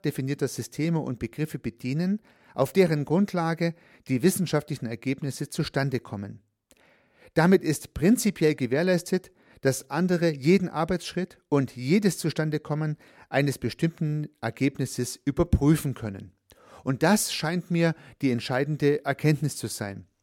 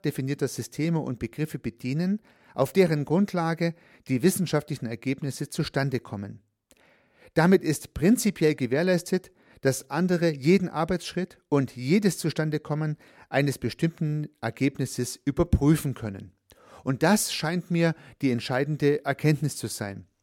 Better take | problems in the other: neither | none

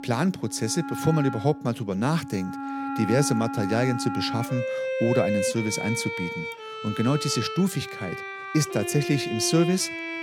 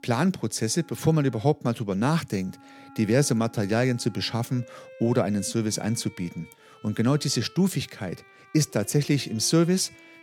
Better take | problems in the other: second | background music; loud; throughout; 5 dB below the speech; faint in the second

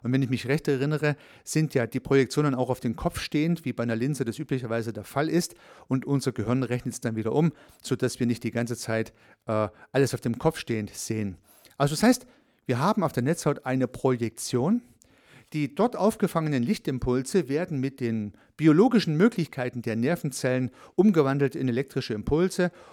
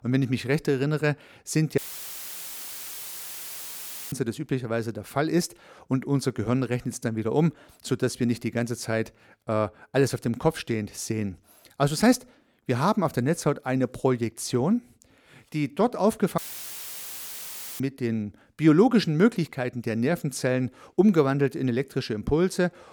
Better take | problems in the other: first | audio cutting out; filled with static; at 2 s for 2.5 s and at 16 s for 1.5 s

